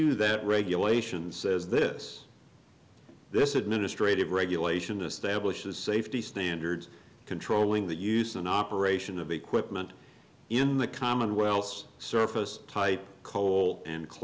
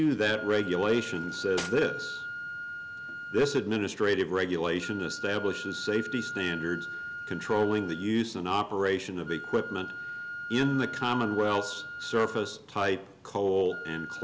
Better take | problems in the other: first | background sound (Cutlery, silverware + Wind instrument, woodwind instrument); 10 dB below the speech

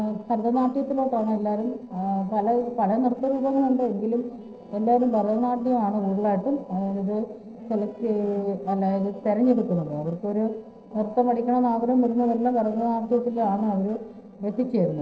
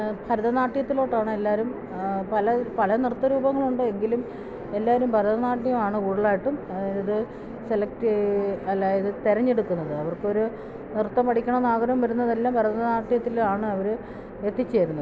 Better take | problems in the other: second | noise reduction (neural separator model SepFormer DNS4)

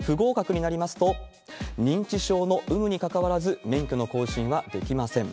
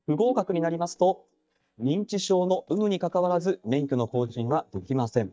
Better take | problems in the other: first | noise reduction (neural mask model DeepFilterNet 3)

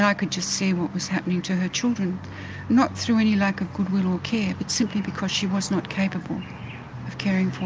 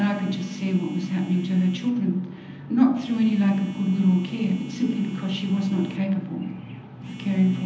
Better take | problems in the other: first | background sound (Telephone); 18 dB below the speech // room echo; dies away in 0.9 s

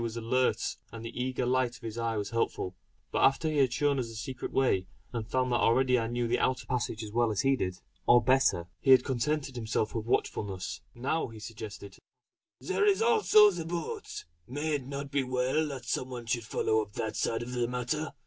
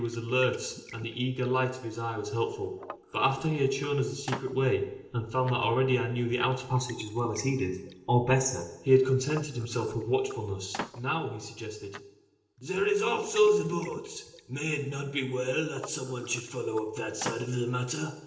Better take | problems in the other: first | background sound (Liquid); 18 dB below the speech // room echo; dies away in 0.9 s

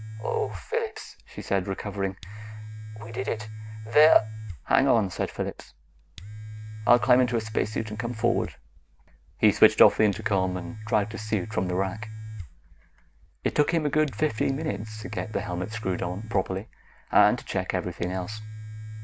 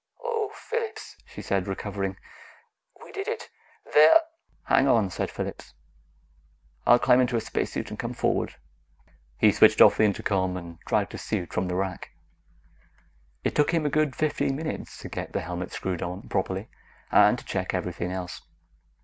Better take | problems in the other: second | background sound (Domestic sounds, home sounds); 12 dB below the speech

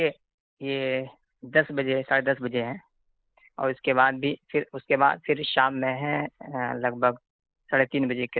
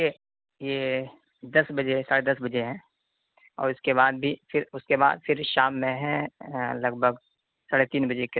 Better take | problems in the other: second | noise reduction (neural mask model Resemble Enhance denoiser)

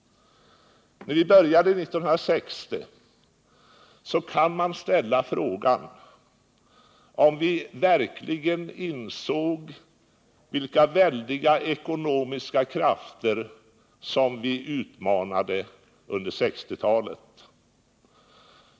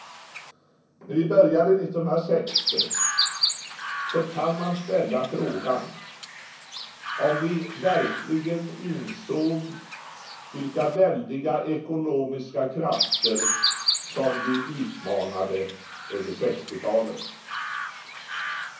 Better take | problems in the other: first | background sound (Chirp, tweet); 5 dB below the speech // room echo; dies away in 0.6 s

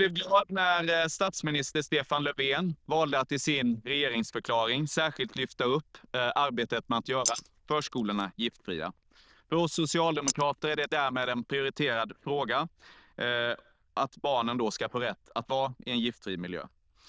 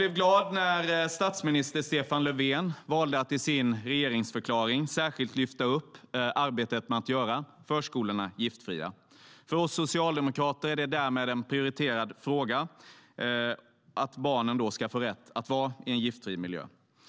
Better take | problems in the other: second | noise reduction (neural diffusion model UNIVERSE++)

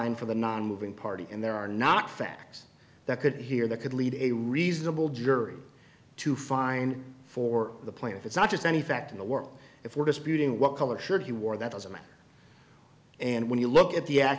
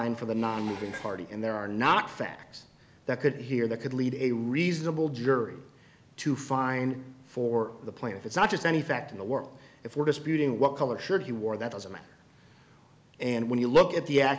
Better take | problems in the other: first | background sound (Dishes, pots, and pans); 19 dB below the speech

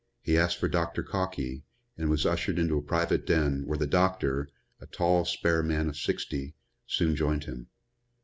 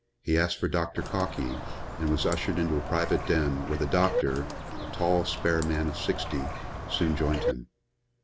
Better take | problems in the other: first | background sound (Bird); 5 dB below the speech

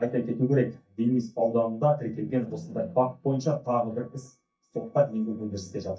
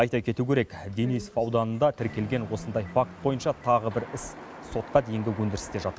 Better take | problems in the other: second | noise reduction (neural mask model DeepFilterNet 3)

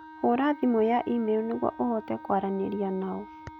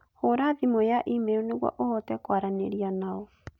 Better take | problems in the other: second | background sound (Wind instrument, woodwind instrument); 18 dB below the speech

